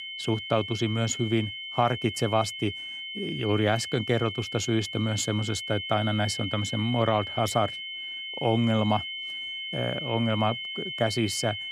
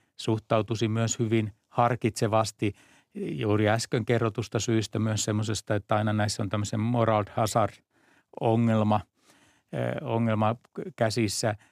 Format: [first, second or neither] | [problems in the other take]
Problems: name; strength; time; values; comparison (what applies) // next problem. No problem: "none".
second | high-pitched whine; loud; throughout; 3 kHz, 6 dB below the speech